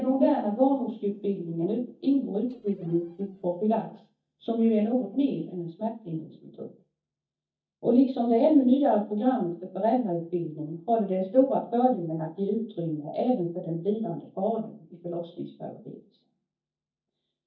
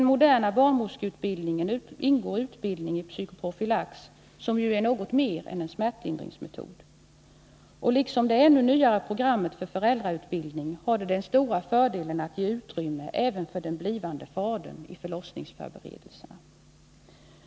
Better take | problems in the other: second | noise reduction (neural mask model DeepFilterNet 3)

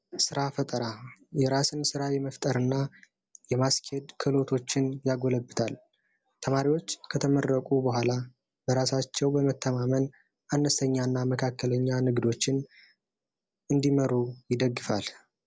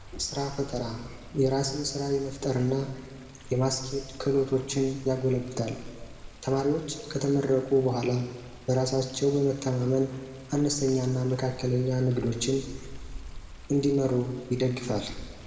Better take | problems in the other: first | background sound (Water); 16 dB below the speech // room echo; dies away in 1.4 s

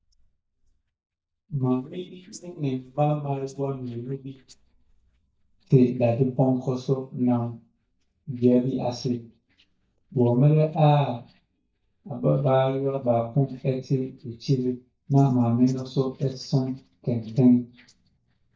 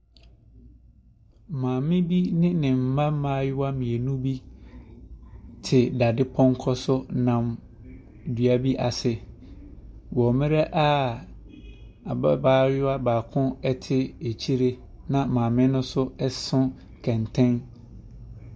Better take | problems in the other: second | noise reduction (neural mask model DeepFilterNet 3)

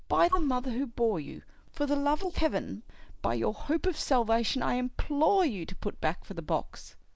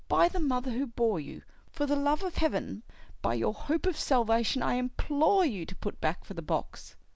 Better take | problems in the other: second | noise reduction (neural mask model Resemble Enhance denoiser)

